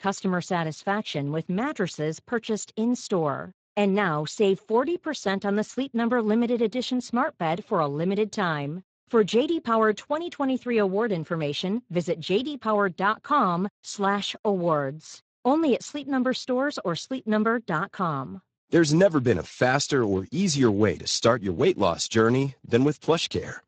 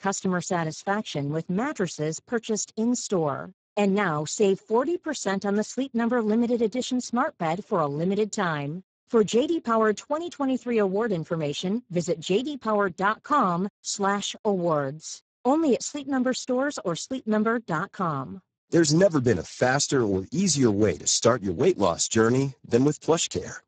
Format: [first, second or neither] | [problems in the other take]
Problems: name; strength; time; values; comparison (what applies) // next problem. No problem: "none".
first | garbled, watery; badly; nothing above 7.5 kHz; slightly in the first